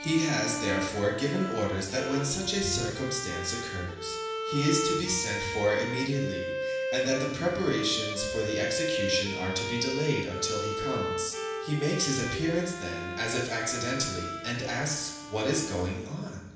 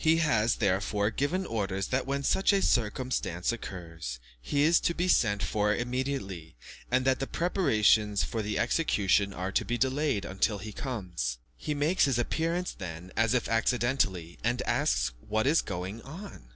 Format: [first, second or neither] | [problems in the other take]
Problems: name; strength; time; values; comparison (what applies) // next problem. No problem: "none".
second | background sound (Bowed string instrument); 5 dB below the speech // room echo; dies away in 0.9 s